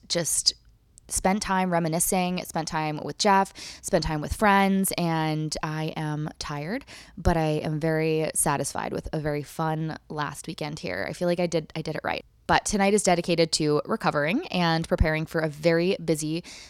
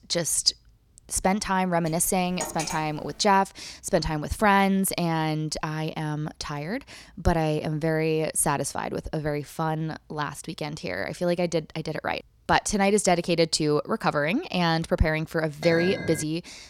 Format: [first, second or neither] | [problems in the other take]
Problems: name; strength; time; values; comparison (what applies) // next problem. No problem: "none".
first | clattering dishes; noticeable; at 2 s and at 16 s; peak 6 dB below the speech